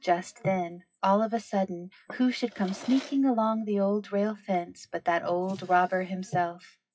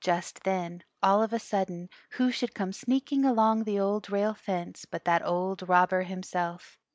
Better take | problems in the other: second | noise reduction (classical method WPE with log-MMSE)

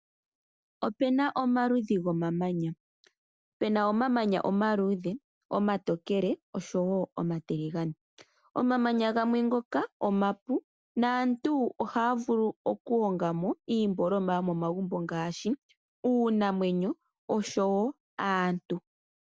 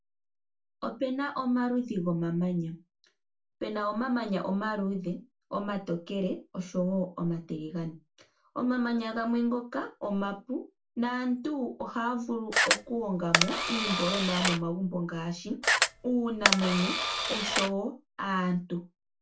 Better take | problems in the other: first | background sound (Camera); 3 dB above the speech // room echo; dies away in 0.2 s

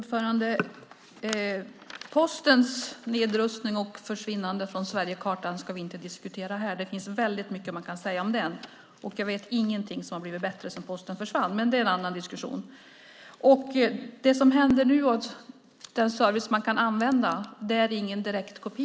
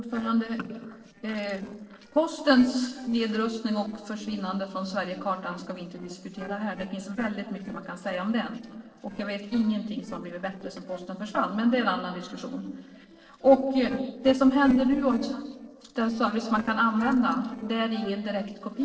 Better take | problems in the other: first | noise reduction (neural separator model SepFormer DNS4)

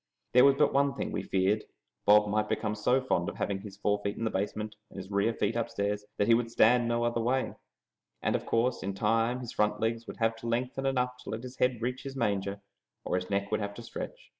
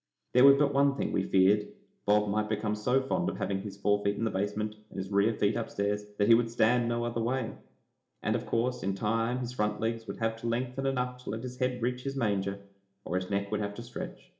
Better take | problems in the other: first | room echo; dies away in 0.4 s

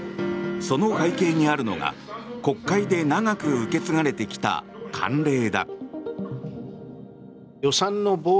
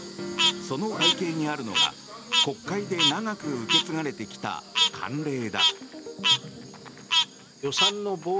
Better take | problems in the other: first | background sound (Frog); 3 dB above the speech

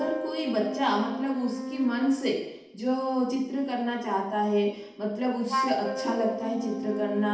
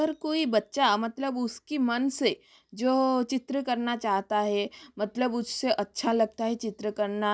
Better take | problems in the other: second | background sound (Wind instrument, woodwind instrument); 7 dB below the speech // room echo; dies away in 0.8 s

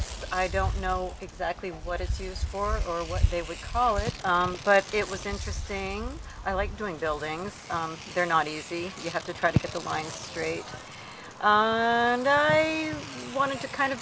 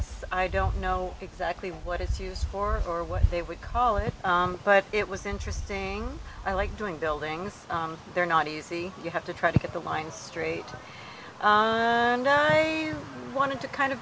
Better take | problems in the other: second | background sound (Tearing); 18 dB below the speech

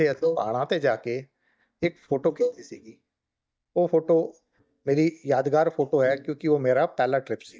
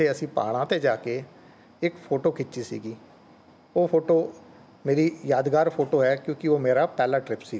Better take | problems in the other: second | noise reduction (neural mask model DeepFilterNet 3)

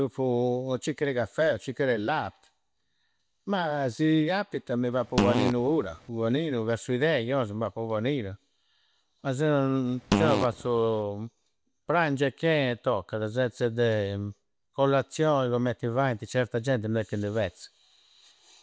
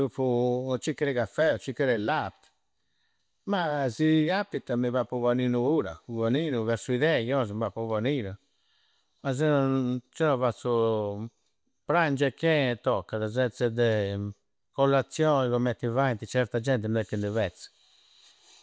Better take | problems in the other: second | background sound (Fart); 2 dB below the speech

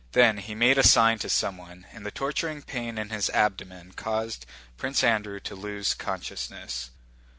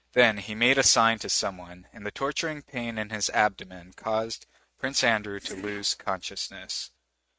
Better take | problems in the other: first | noise reduction (neural mask model RNNoise)

